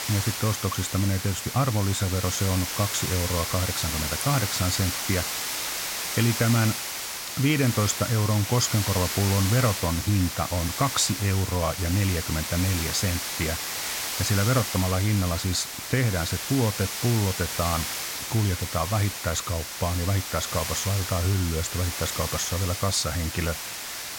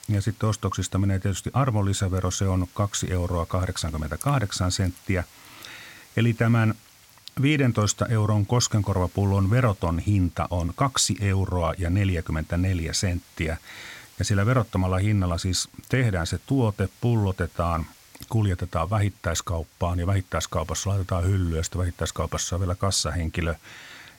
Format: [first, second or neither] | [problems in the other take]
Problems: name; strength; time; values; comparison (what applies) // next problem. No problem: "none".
second | hiss; loud; throughout; 3 dB below the speech; faint in the second